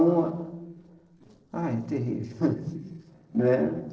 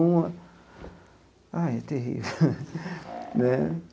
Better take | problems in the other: second | noise reduction (neural separator model SepFormer DNS4)

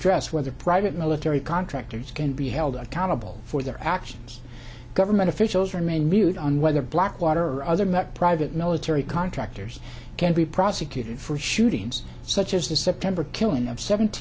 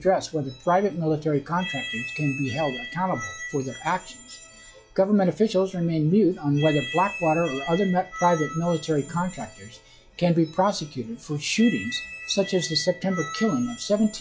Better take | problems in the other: first | noise reduction (classical method log-MMSE)

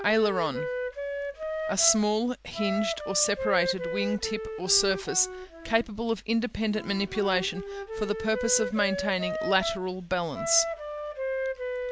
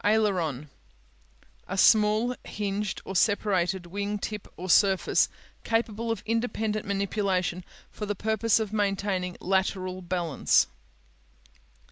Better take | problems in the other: second | background sound (Wind instrument, woodwind instrument); 5 dB below the speech

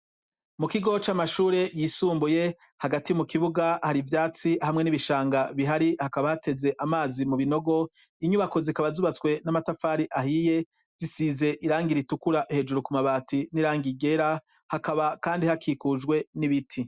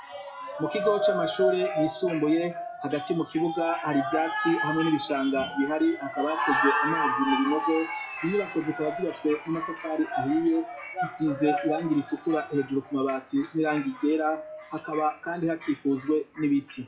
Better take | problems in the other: first | noise reduction (classical method WPE with log-MMSE)

